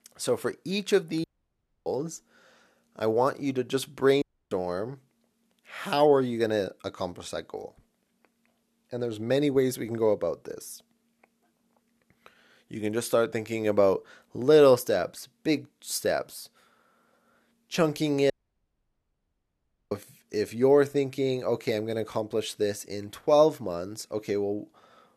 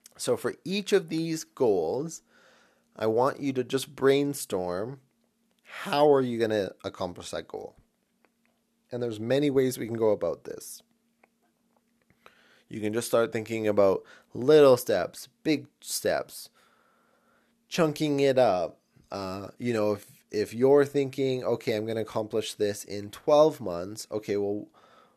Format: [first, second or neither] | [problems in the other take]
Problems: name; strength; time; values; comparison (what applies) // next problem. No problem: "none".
second | audio cutting out; at 1 s for 0.5 s, at 4 s and at 18 s for 1.5 s